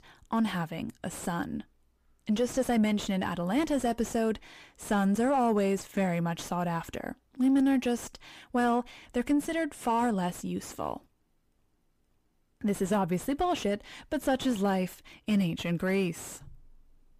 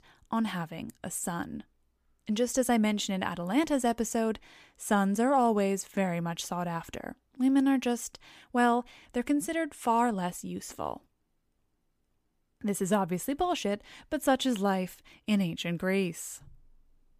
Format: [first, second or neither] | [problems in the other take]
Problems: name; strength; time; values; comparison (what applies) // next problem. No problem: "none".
second | distortion; slight; 10 dB below the speech